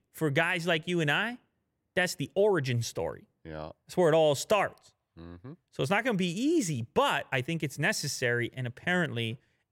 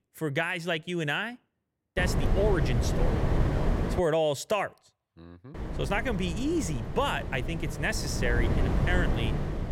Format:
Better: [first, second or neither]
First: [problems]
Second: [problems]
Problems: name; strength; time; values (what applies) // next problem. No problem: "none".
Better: first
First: none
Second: wind noise on the microphone; heavy; from 2 to 4 s and from 5.5 s on; 7 dB below the speech